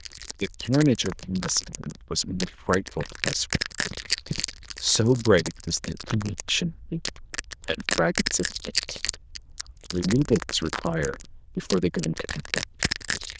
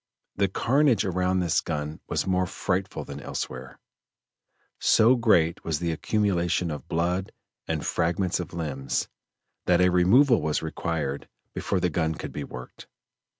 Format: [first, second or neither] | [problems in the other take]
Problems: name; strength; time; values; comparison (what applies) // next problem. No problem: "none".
second | noise reduction (neural diffusion model UNIVERSE++)